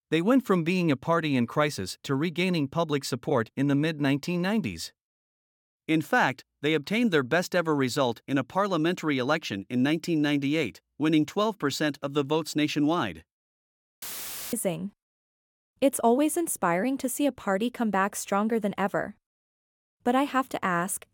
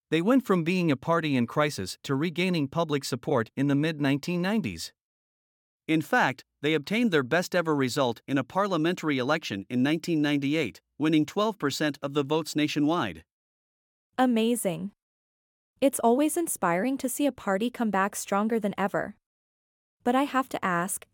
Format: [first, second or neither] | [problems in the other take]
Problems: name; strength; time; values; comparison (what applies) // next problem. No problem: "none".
second | audio cutting out; filled with static; at 14 s for 0.5 s